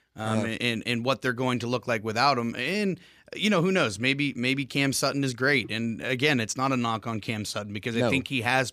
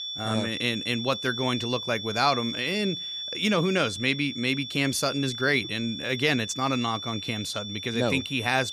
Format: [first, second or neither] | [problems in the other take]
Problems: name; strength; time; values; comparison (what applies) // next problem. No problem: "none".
first | high-pitched whine; loud; throughout; 3.5 kHz, 6 dB below the speech